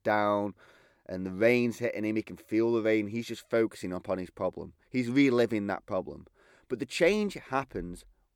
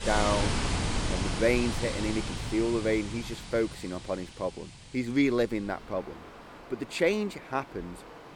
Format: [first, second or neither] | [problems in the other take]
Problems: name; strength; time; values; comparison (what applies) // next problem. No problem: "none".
first | rain or running water; loud; throughout; 3 dB below the speech